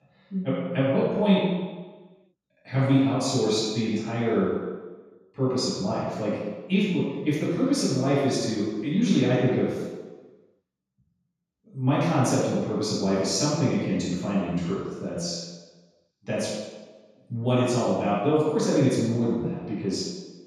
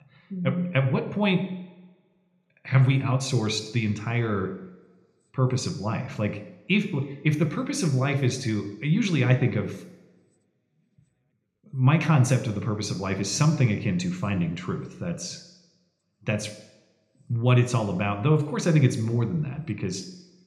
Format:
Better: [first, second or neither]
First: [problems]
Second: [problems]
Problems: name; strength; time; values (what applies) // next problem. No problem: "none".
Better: second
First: room echo; strong; dies away in 1.2 s // off-mic speech; far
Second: room echo; slight; dies away in 0.8 s